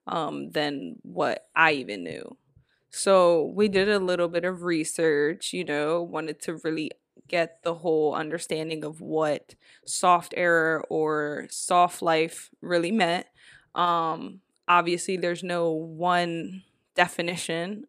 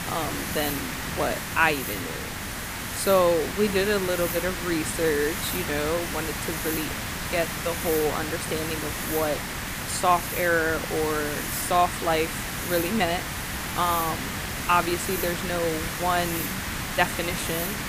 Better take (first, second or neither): first